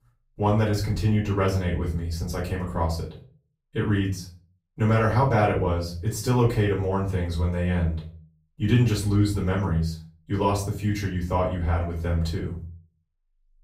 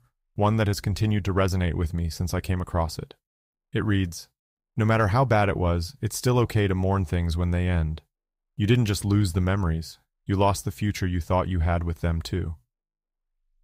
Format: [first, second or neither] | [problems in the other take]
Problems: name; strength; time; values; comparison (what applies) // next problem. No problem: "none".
second | off-mic speech; far // room echo; slight; dies away in 0.4 s